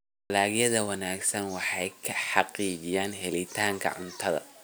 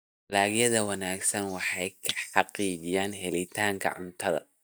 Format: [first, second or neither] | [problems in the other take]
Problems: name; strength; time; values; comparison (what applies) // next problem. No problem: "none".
first | noise reduction (neural mask model DeepFilterNet 3)